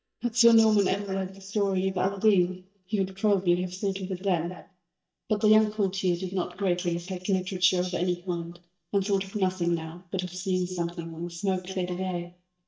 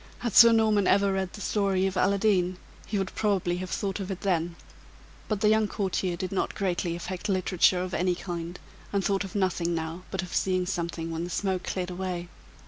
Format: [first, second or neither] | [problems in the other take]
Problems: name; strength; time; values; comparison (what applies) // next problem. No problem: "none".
second | noise reduction (neural mask model DeepFilterNet 3)